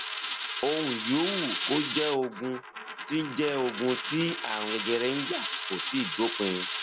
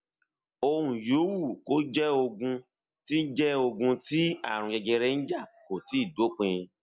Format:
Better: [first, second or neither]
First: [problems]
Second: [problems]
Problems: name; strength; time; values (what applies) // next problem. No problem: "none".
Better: second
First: background sound (Coin (dropping)); 4 dB below the speech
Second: none